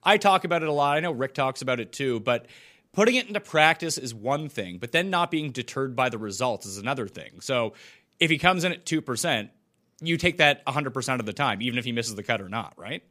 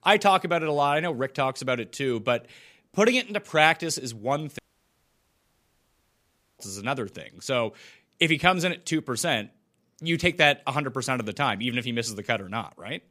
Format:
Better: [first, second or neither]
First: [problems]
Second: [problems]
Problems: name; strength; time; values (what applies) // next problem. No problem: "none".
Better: first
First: none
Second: audio cutting out; at 4.5 s for 2 s